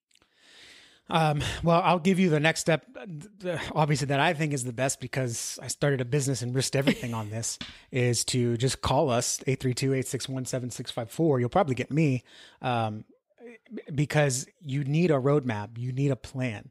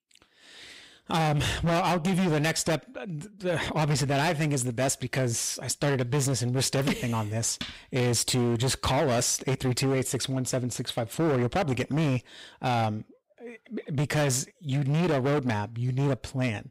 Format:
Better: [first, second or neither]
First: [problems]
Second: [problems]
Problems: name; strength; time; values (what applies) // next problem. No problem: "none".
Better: first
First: none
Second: distortion; heavy; 18% of the sound clipped